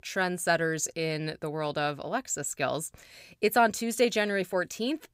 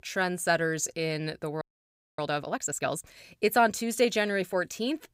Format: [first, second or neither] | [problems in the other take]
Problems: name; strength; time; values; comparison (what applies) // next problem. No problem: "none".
first | audio freezing; at 1.5 s for 0.5 s